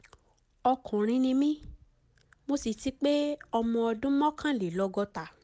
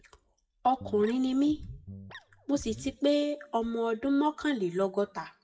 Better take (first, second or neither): first